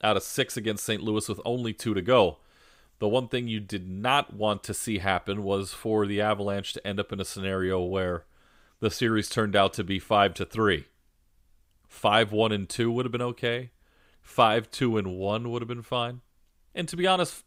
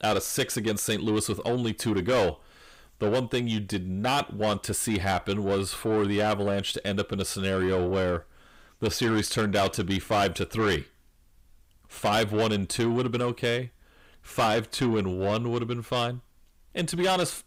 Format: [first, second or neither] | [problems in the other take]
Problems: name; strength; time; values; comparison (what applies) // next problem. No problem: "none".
first | distortion; heavy; 7 dB below the speech